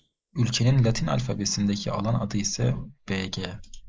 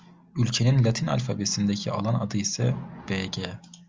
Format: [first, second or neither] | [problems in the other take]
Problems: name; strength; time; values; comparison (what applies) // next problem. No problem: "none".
second | noise reduction (neural mask model Resemble Enhance denoiser)